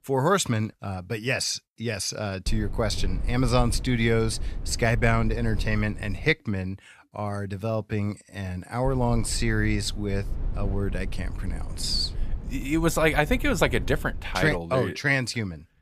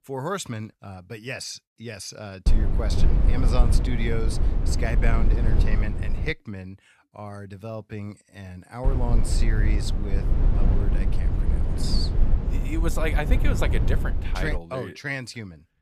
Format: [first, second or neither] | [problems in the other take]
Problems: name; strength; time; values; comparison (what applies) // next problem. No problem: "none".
first | low rumble; loud; from 2.5 to 6.5 s and from 9 to 15 s; 5 dB below the speech; faint in the first